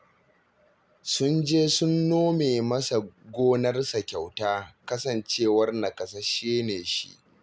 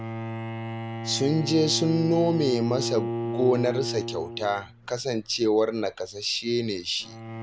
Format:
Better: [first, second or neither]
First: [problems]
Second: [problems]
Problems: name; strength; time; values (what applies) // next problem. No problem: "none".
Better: first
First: none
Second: background sound (Bowed string instrument); 7 dB below the speech